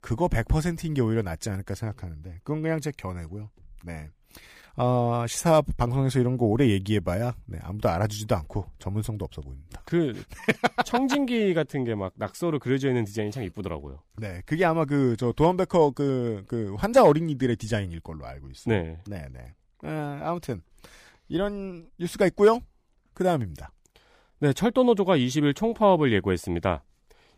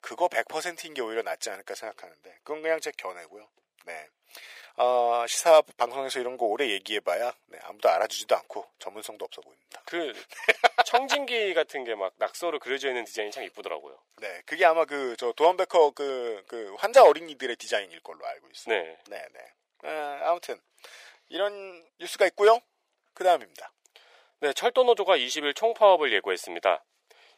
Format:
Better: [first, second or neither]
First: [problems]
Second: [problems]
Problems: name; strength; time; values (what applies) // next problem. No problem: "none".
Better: first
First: none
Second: thin; very; fading below 450 Hz